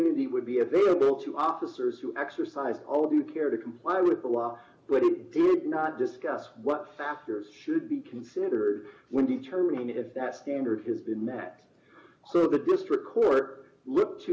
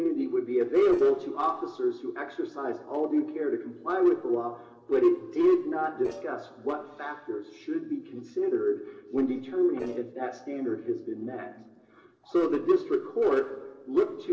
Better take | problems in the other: first | noise reduction (neural separator model SepFormer DNS4)

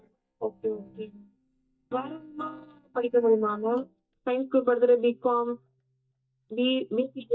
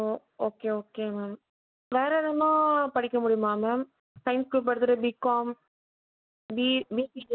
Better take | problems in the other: second | noise reduction (neural mask model DeepFilterNet 3)

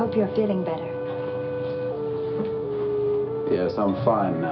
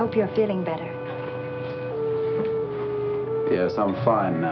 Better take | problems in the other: second | room echo; dies away in 0.9 s

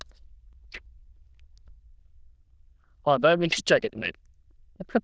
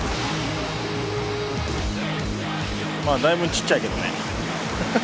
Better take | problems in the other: second | noise reduction (neural diffusion model UNIVERSE++)

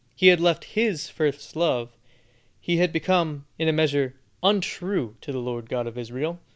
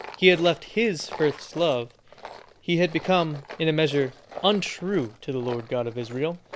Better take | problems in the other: first | background sound (Tools); 17 dB below the speech

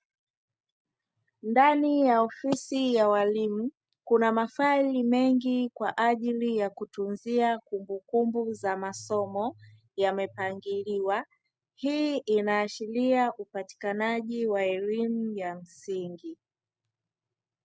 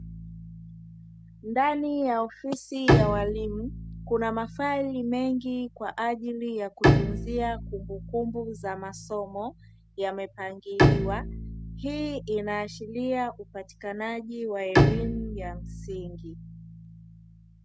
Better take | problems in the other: first | background sound (Bowed string instrument); 1 dB above the speech

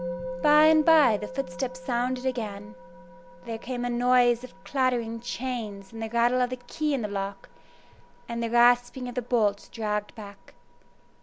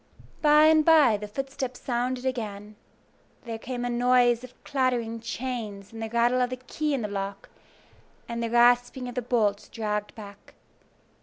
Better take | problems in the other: second | background sound (Musical instrument); 15 dB below the speech

